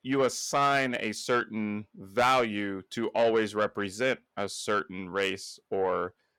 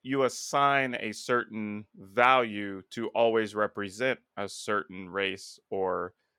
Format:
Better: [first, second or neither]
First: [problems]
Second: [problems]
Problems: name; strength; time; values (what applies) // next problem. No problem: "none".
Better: second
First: distortion; slight; 10 dB below the speech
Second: none